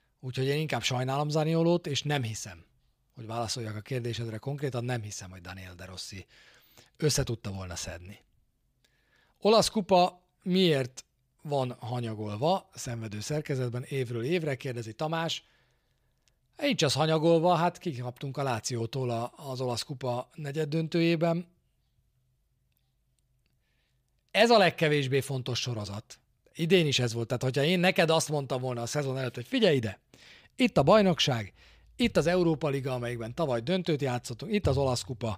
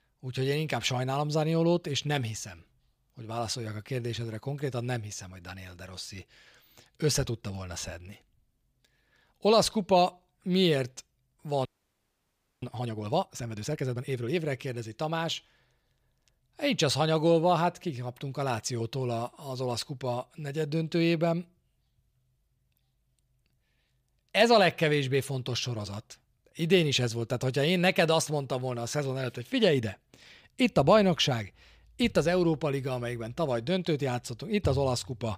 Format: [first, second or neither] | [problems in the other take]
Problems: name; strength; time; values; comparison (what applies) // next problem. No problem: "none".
first | audio freezing; at 12 s for 1 s